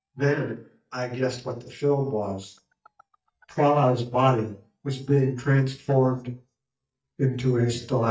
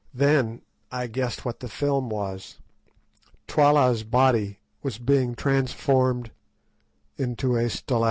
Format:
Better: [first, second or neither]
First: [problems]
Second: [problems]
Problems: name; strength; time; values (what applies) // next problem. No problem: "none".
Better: second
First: noise reduction (neural mask model DeepFilterNet 3)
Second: none